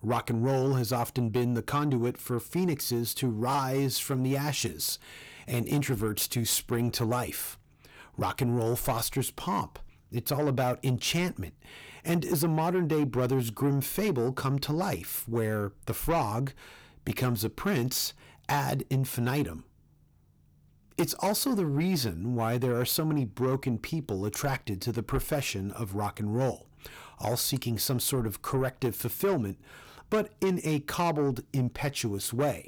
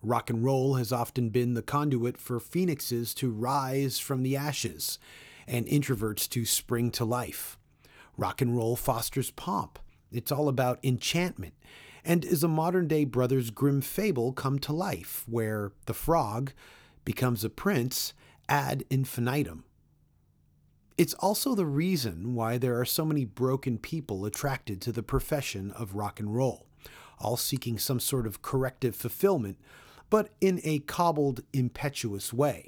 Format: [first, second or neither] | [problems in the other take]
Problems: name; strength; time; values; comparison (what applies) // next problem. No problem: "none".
second | distortion; slight; 10 dB below the speech